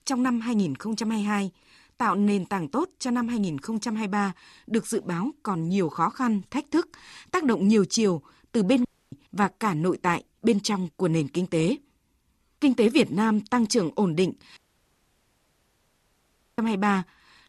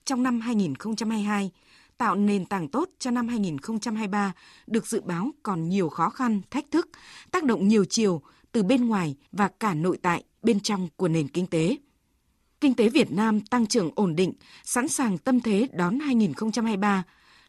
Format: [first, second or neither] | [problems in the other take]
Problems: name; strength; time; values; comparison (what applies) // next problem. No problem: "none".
second | audio cutting out; at 9 s and at 15 s for 2 s